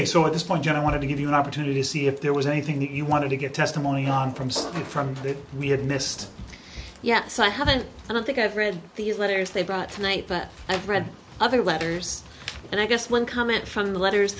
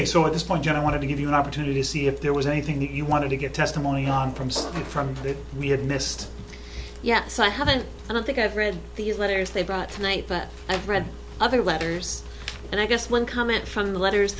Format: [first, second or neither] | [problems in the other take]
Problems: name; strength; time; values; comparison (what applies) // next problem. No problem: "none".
first | background sound (Engine); 14 dB below the speech